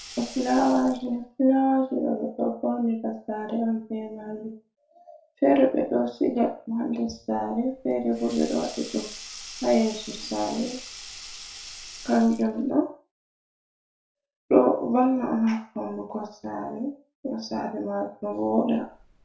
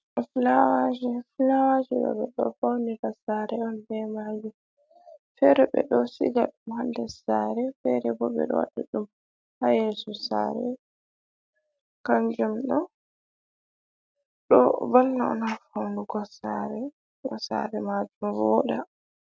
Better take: second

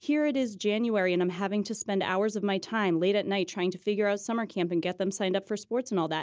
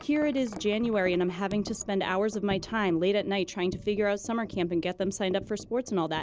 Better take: first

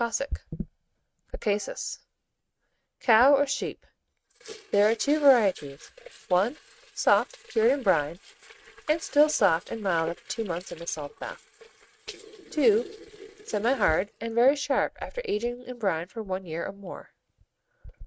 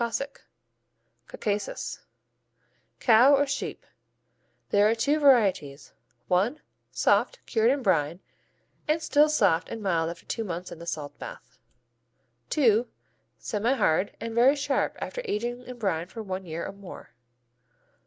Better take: second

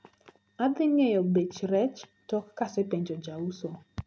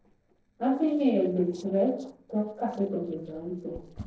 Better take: first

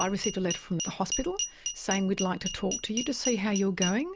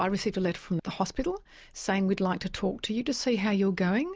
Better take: second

